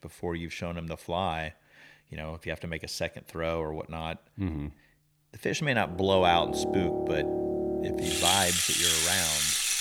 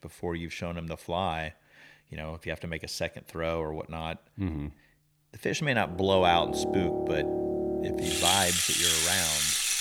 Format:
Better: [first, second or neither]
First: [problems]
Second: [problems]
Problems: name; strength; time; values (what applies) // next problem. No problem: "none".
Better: neither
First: background music; very loud; from 6 s on; 5 dB above the speech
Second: background music; very loud; from 6 s on; 5 dB above the speech